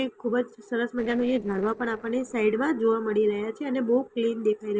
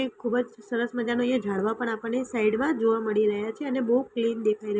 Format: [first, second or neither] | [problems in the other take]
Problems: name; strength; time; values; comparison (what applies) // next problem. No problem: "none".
second | noise reduction (neural separator model SepFormer DNS4)